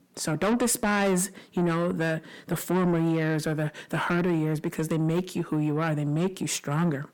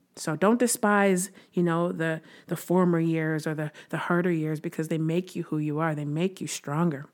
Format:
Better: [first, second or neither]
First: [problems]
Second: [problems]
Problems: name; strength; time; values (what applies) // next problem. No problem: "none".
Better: second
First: distortion; heavy; 7 dB below the speech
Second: none